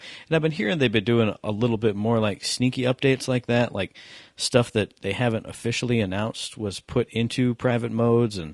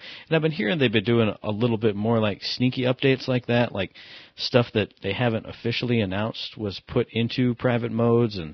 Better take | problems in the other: first | garbled, watery; badly; nothing above 5 kHz; slightly in the first

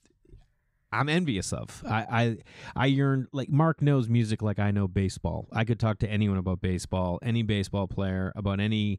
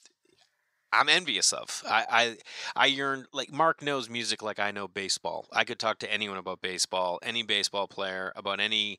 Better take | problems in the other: first | thin; very; fading below 650 Hz

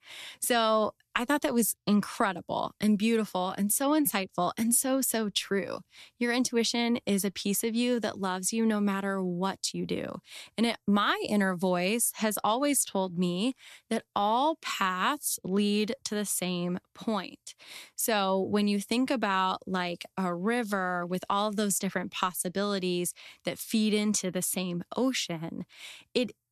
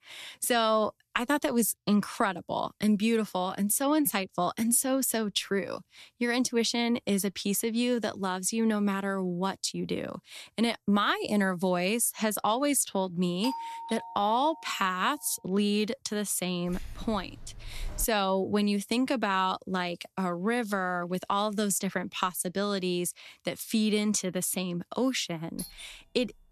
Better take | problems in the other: first | doorbell; noticeable; from 13 to 15 s; peak 8 dB below the speech // jangling keys; faint; from 17 to 18 s; peak 15 dB below the speech // doorbell; faint; at 26 s; peak 15 dB below the speech

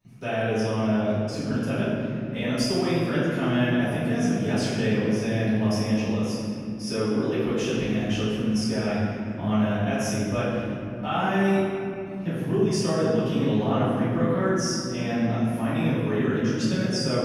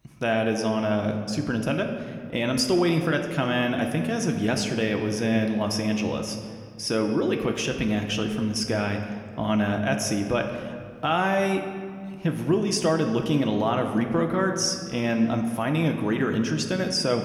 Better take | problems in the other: second | room echo; strong; dies away in 3 s; slight in the second // off-mic speech; far

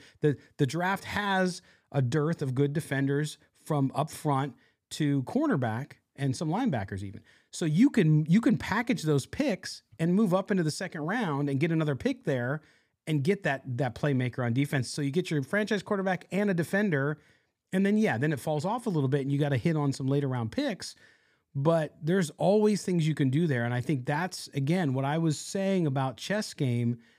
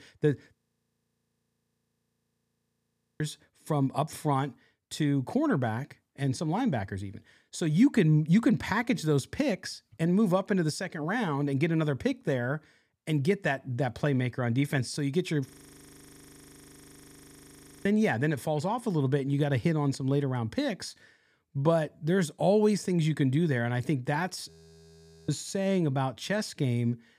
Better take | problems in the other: first | audio freezing; at 0.5 s for 2.5 s, at 15 s for 2.5 s and at 24 s for 1 s

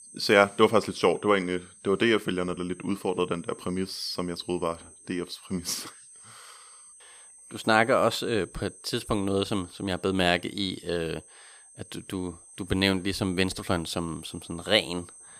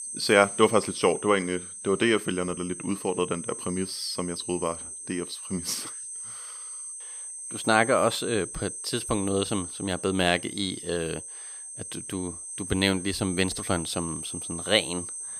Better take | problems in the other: first | high-pitched whine; loud; throughout; 8.5 kHz, 8 dB below the speech; faint in the first

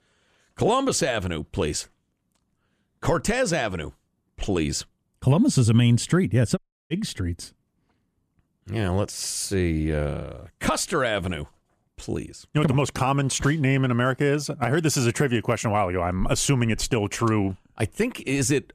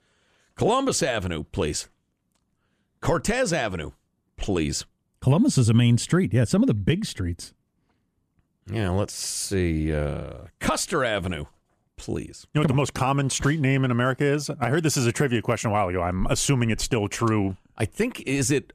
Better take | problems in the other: second | audio cutting out; at 6.5 s

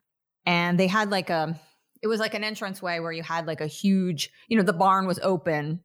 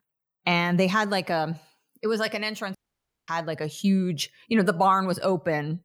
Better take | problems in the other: first | audio cutting out; at 3 s for 0.5 s

